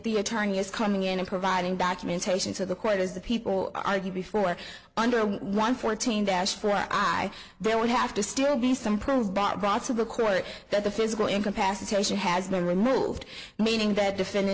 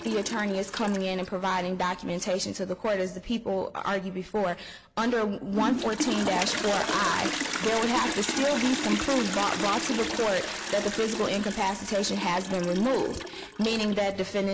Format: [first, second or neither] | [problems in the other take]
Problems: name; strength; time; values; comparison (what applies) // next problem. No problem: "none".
first | background sound (Toilet flush); 6 dB below the speech